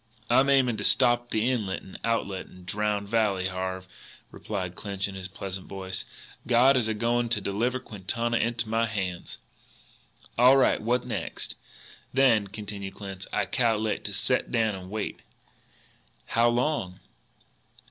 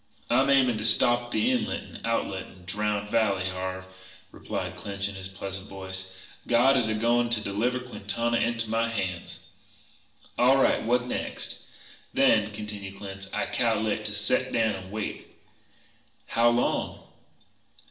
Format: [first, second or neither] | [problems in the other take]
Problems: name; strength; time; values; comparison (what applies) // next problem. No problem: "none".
first | room echo; dies away in 0.8 s